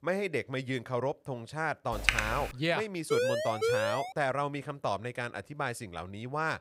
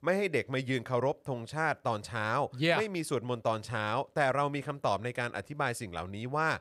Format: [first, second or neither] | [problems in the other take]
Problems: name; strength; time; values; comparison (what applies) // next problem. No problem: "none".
second | keyboard typing; loud; at 2 s; peak 6 dB above the speech // siren; loud; from 3 to 4 s; peak 4 dB above the speech